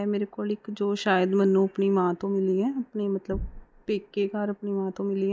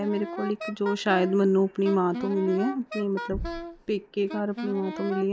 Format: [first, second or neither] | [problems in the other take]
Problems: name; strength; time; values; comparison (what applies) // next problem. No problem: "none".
first | background sound (Wind instrument, woodwind instrument); 11 dB below the speech